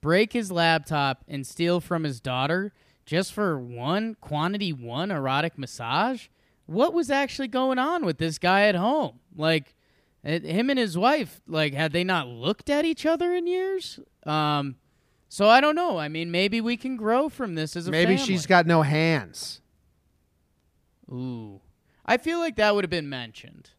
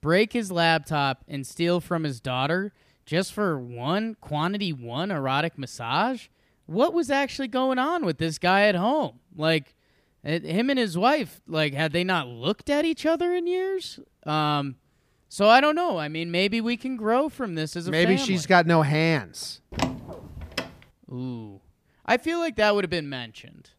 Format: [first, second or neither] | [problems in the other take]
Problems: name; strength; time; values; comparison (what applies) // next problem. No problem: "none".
first | door banging; noticeable; at 20 s; peak 5 dB below the speech